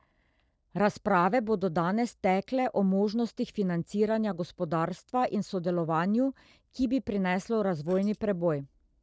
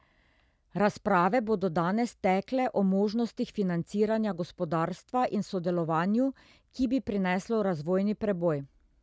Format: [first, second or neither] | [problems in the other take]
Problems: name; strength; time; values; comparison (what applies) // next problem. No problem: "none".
second | noise reduction (neural separator model SepFormer DNS4)